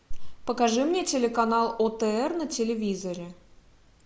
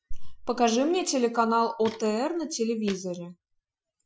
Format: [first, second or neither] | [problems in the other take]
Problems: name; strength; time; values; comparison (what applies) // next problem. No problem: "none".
first | noise reduction (classical method Wiener filter)